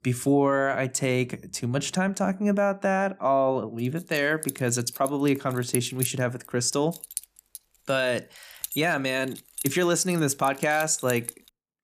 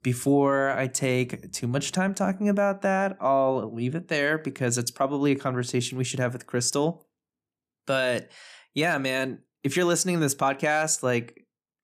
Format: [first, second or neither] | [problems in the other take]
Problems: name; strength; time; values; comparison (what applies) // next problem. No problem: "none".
second | jangling keys; noticeable; from 4 to 11 s; peak 4 dB below the speech